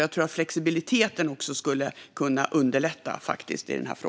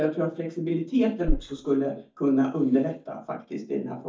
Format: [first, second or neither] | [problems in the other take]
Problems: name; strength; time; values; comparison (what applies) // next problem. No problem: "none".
first | noise reduction (neural mask model DeepFilterNet 3)